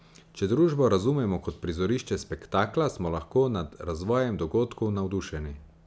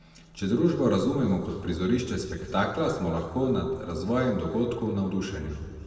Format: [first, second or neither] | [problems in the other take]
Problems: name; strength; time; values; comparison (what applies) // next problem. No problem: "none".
first | room echo; dies away in 2.1 s